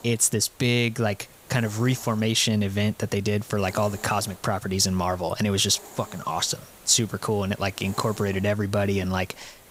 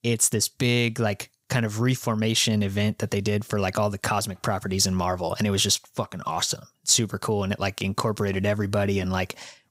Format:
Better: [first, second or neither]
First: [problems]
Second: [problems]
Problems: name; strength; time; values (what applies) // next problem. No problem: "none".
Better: second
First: hiss; faint; throughout; 20 dB below the speech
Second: none